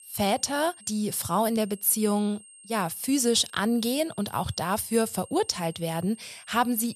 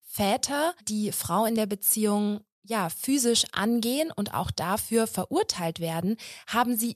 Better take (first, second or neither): second